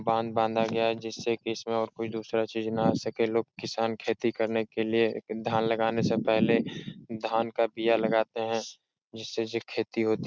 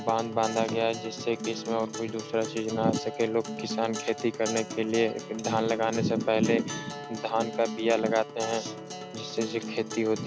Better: first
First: none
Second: background sound (Acoustic guitar); 9 dB below the speech

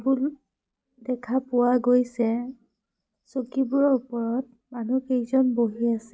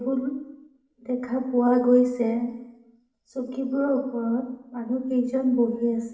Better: first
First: none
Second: room echo; dies away in 0.9 s

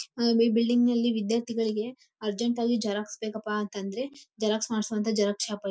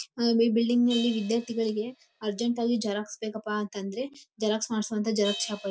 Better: first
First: none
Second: background sound (Crash cymbal); 17 dB below the speech

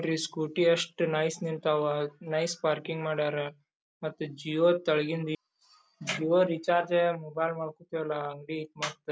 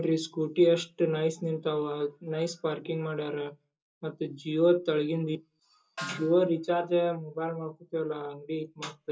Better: first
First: none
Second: background sound (Snare drum); 16 dB below the speech // room echo; dies away in 0.2 s

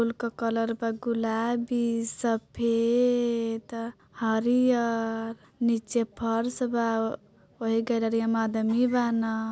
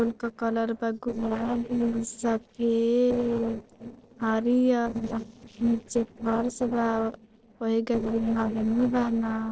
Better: first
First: none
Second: noise reduction (neural separator model SepFormer DNS4)

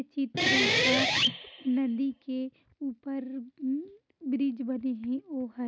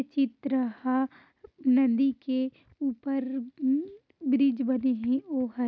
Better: second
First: background sound (Guitar); 4 dB above the speech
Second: none

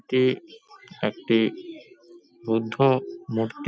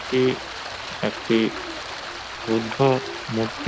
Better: first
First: none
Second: background sound (Stream); 8 dB below the speech

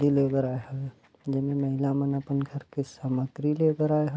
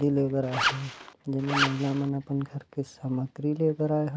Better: first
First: none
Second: background sound (Zipper (clothing)); 2 dB below the speech

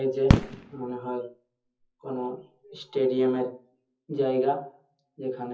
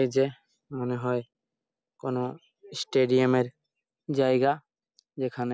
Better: second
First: noise reduction (classical method WPE with log-MMSE)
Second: none

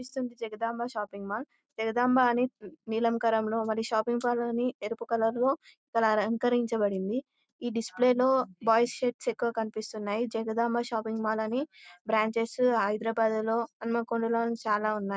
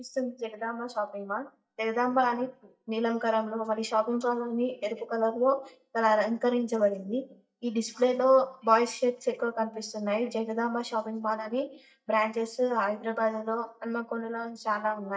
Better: first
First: none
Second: noise reduction (neural mask model DeepFilterNet 3)

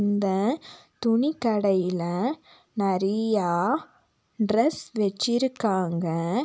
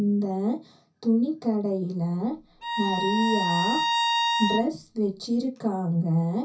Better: first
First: none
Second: background sound (Bowed string instrument); 1 dB below the speech // room echo; dies away in 0.3 s

